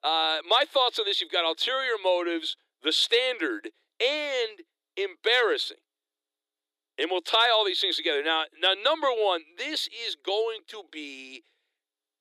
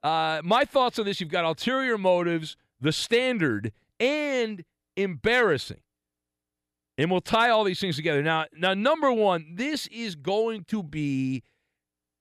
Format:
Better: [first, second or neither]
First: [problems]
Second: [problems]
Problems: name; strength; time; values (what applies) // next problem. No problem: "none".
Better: second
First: thin; very; fading below 300 Hz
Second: none